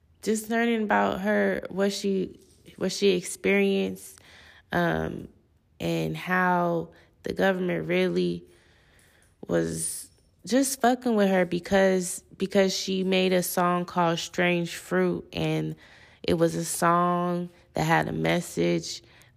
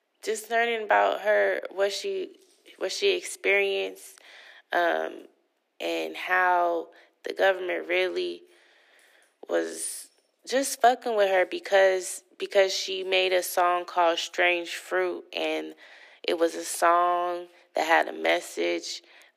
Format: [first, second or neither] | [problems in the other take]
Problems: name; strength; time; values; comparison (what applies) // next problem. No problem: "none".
first | thin; very; fading below 300 Hz